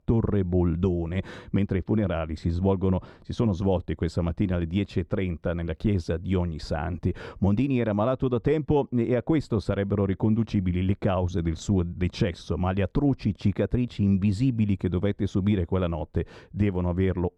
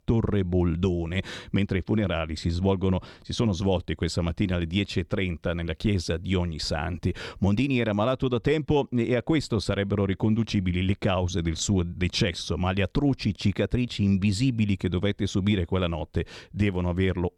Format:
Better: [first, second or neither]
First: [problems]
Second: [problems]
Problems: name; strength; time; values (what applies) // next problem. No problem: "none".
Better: second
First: muffled; slightly; fading above 2 kHz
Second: none